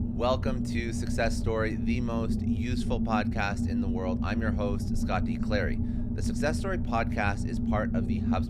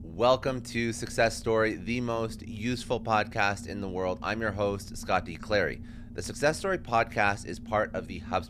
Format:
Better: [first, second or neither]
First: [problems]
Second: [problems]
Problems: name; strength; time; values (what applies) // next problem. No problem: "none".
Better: second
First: low rumble; loud; throughout; 6 dB below the speech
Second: low rumble; faint; throughout; 25 dB below the speech